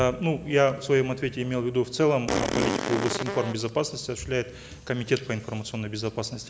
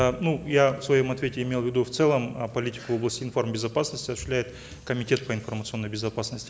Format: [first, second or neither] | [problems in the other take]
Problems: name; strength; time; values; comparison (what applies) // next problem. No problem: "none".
second | background sound (Fart); 1 dB below the speech